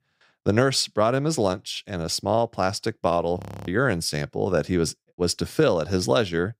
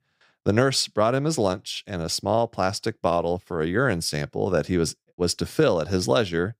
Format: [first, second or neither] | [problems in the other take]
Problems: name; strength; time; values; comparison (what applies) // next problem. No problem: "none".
second | audio freezing; at 3.5 s